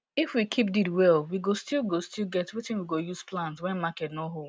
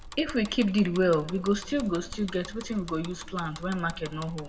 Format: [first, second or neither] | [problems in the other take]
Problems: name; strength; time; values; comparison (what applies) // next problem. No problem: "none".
first | background sound (Bicycle); 14 dB below the speech // room echo; dies away in 1.3 s